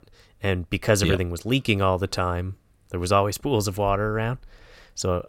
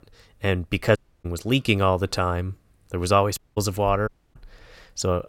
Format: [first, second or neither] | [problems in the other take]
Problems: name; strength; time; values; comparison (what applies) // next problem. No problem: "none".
first | audio cutting out; at 1 s, at 3.5 s and at 4 s